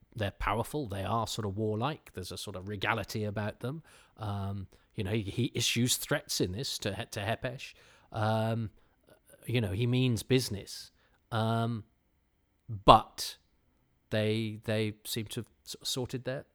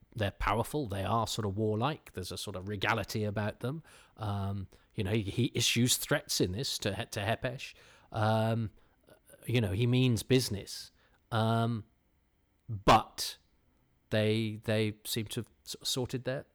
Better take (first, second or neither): first